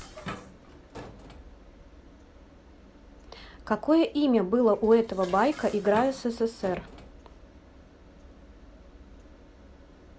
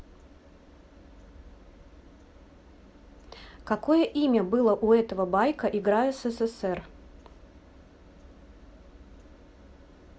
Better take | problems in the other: second | background sound (Dishes, pots, and pans); 19 dB below the speech

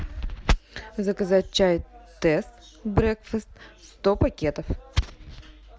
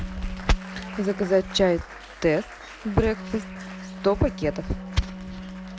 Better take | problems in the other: first | background sound (Wind instrument, woodwind instrument + Applause); 12 dB below the speech

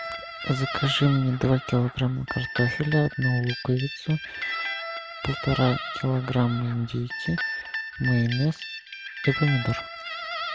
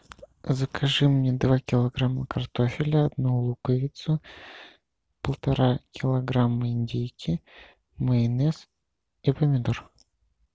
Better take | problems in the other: second | background sound (Guitar); 7 dB below the speech

